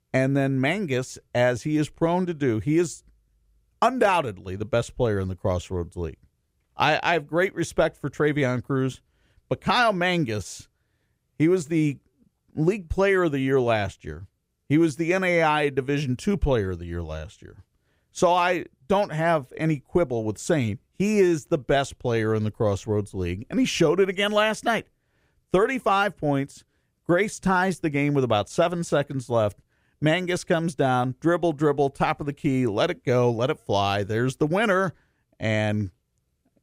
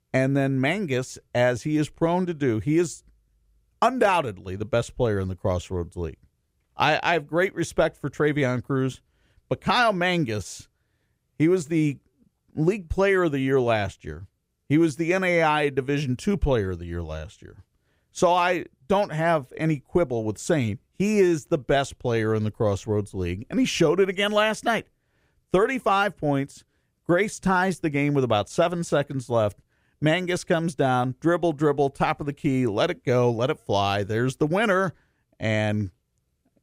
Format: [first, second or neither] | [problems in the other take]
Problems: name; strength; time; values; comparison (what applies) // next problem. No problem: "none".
neither | none